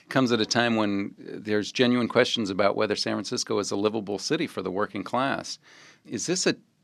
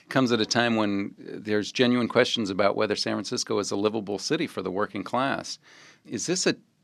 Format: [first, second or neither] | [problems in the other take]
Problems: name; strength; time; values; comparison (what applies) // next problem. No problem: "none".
neither | none